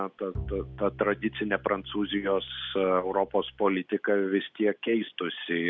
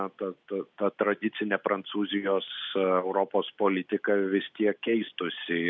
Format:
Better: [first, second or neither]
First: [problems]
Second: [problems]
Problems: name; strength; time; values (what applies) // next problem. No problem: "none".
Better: second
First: background sound (Bowed string instrument); 15 dB below the speech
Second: none